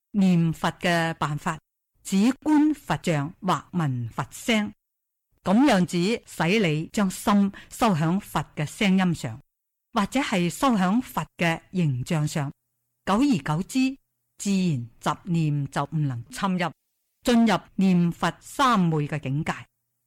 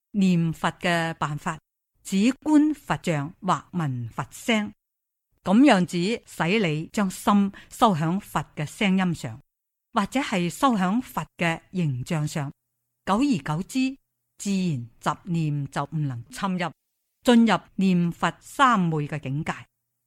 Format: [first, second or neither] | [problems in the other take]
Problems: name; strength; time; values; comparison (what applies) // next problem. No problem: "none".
second | distortion; slight; 5% of the sound clipped